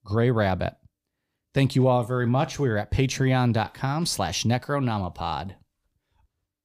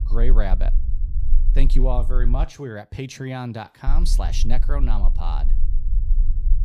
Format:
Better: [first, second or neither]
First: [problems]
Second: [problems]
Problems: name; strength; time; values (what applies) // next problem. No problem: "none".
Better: first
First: none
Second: low rumble; noticeable; until 2.5 s and from 4 s on; 15 dB below the speech